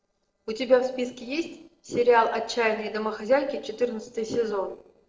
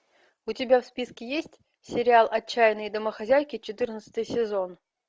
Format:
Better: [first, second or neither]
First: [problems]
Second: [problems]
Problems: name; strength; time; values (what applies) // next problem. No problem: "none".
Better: second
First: noise reduction (neural separator model SepFormer DNS4)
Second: none